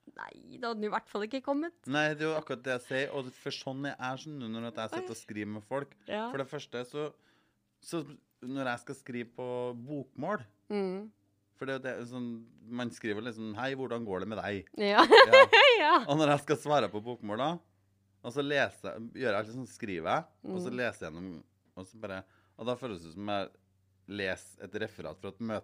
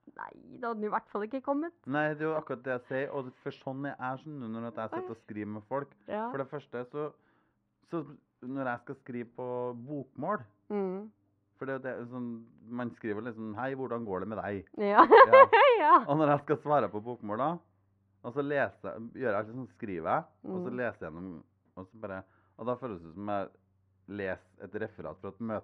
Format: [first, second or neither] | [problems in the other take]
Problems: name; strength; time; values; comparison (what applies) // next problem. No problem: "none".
first | muffled; very; fading above 4 kHz